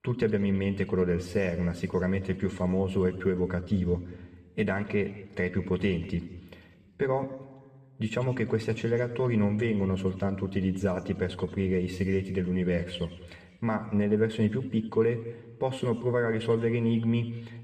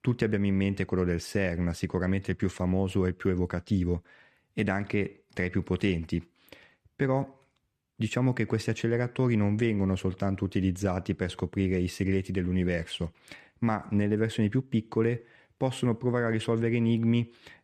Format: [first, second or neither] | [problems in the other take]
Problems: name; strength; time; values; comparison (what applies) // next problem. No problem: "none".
second | room echo; slight; dies away in 1.3 s